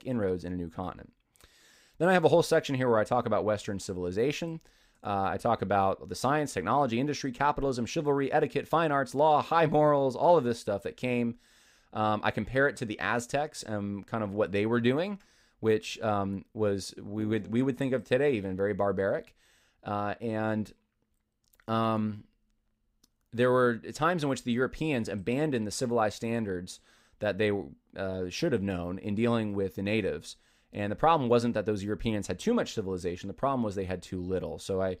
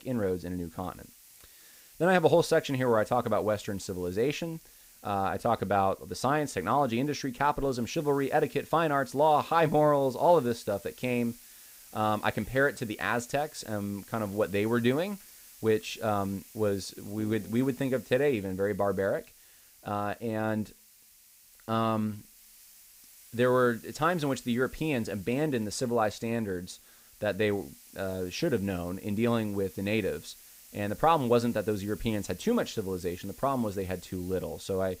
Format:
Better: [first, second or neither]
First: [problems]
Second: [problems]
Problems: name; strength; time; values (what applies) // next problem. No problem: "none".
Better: first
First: none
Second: hiss; faint; throughout; 20 dB below the speech